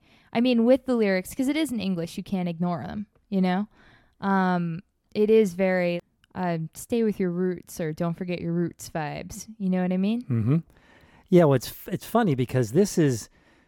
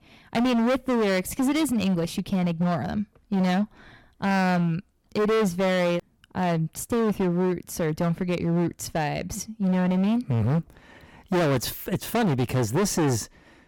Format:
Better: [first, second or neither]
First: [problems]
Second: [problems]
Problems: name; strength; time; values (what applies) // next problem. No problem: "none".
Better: first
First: none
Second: distortion; heavy; 21% of the sound clipped